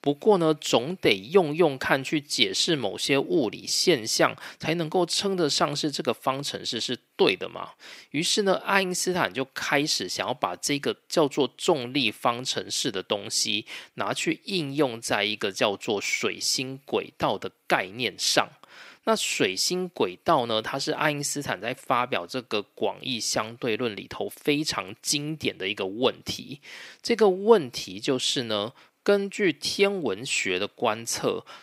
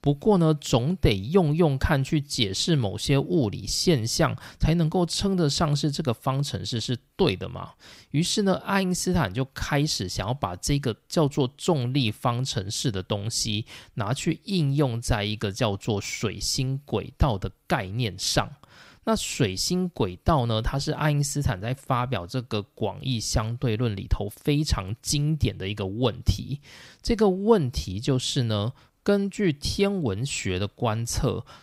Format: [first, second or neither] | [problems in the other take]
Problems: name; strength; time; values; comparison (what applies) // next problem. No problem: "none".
second | thin; somewhat; fading below 350 Hz